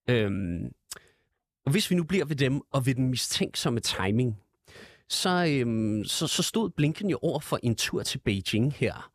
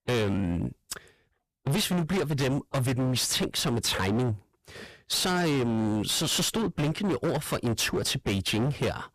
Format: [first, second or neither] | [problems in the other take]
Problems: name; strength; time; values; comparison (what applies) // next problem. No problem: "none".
first | distortion; heavy; 27% of the sound clipped